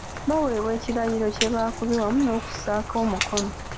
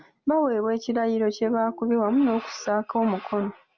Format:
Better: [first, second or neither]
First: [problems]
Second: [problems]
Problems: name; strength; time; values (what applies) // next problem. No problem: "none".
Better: second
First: background sound (Rain); 7 dB below the speech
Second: none